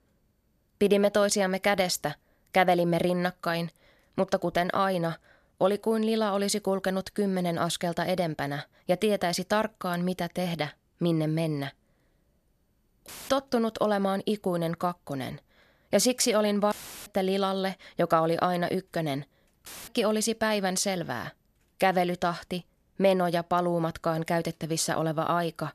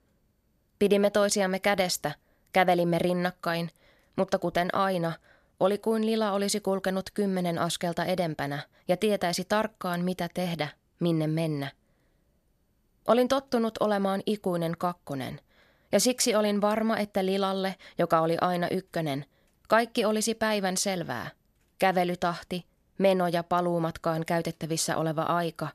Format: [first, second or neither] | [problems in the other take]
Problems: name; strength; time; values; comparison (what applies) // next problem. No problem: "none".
second | audio cutting out; filled with static; at 13 s, at 17 s and at 20 s